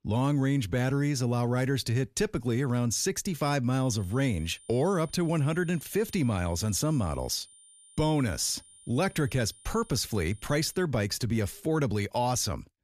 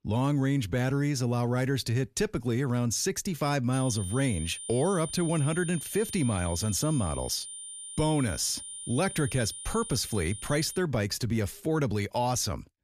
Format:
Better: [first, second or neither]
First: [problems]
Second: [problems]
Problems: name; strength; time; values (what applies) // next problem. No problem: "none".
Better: first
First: high-pitched whine; faint; from 3.5 to 11 s; 9 kHz, 25 dB below the speech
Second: high-pitched whine; loud; from 3.5 to 11 s; 9 kHz, 9 dB below the speech